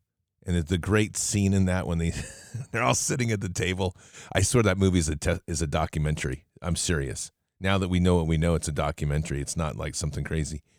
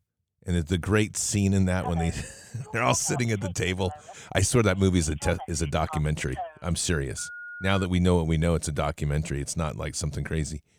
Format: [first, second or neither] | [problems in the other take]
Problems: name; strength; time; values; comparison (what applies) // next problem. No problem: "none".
first | phone ringing; faint; from 2 to 8 s; peak 10 dB below the speech